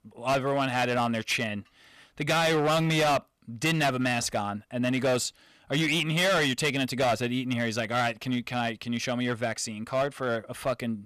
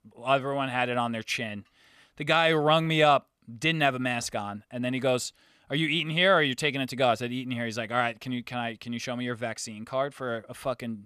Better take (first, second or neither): second